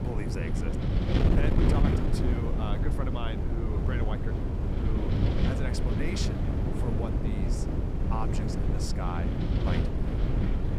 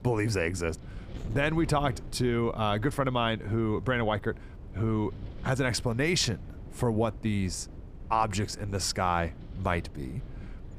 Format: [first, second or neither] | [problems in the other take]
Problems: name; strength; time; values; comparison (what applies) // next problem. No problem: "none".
second | wind noise on the microphone; heavy; 3 dB above the speech; occasional gusts in the second